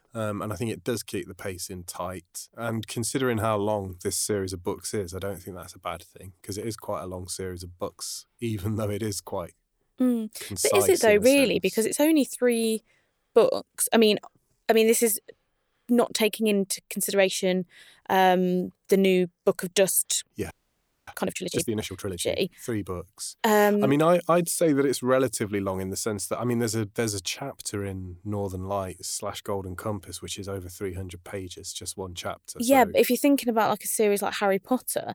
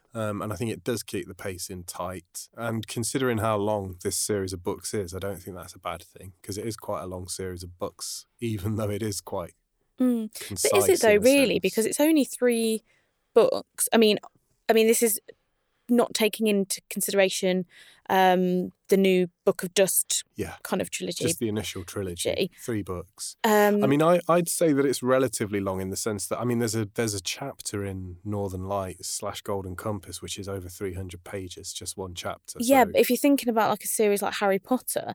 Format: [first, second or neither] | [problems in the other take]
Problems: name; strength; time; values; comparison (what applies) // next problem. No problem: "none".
second | audio freezing; at 21 s for 0.5 s